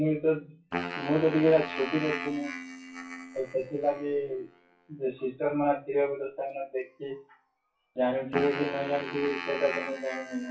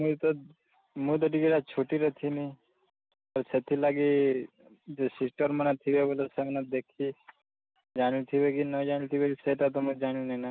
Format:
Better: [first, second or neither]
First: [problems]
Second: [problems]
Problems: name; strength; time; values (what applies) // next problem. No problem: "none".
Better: second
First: noise reduction (classical method WPE with log-MMSE)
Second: none